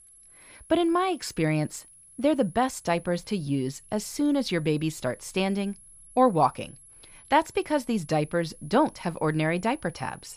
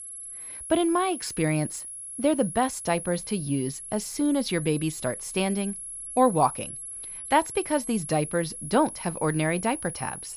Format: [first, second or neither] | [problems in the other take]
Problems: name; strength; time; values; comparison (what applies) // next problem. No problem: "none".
first | high-pitched whine; loud; throughout; 11 kHz, 9 dB below the speech; faint in the first